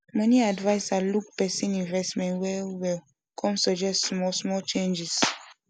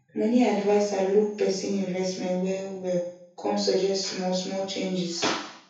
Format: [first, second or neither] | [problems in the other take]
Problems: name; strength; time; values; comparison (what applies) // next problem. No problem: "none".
first | room echo; dies away in 0.6 s